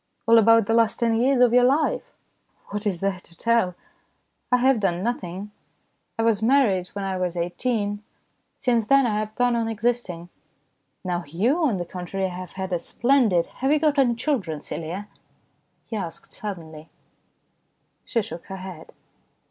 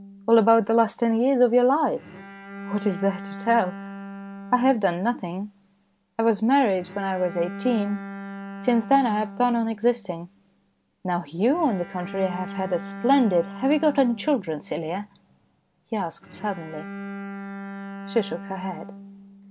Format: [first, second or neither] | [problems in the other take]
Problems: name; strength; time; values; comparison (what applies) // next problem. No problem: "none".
first | background sound (Bowed string instrument); 14 dB below the speech